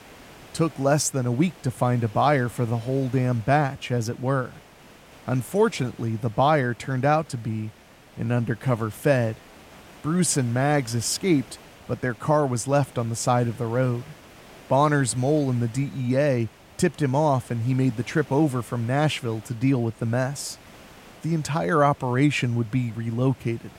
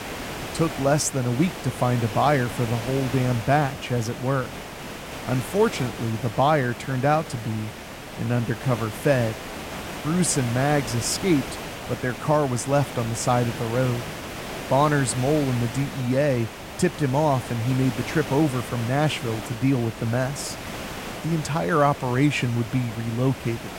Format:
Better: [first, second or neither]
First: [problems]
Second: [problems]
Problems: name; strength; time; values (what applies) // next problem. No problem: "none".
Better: first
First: hiss; faint; throughout; 25 dB below the speech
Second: hiss; loud; throughout; 10 dB below the speech